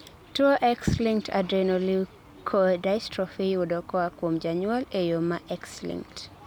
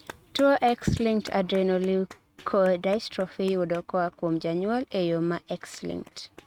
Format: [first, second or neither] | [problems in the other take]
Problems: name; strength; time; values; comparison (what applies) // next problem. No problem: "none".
first | noise reduction (neural mask model RNNoise)